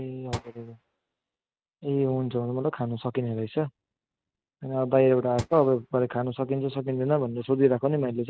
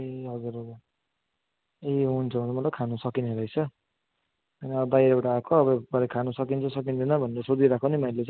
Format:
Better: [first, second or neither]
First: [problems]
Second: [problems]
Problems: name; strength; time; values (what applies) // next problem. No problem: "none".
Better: second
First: noise reduction (neural mask model RNNoise)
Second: none